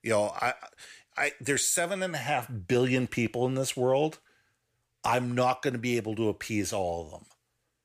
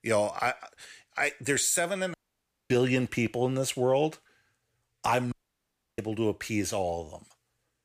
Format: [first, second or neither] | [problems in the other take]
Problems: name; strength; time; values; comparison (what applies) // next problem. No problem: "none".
first | audio cutting out; at 2 s for 0.5 s and at 5.5 s for 0.5 s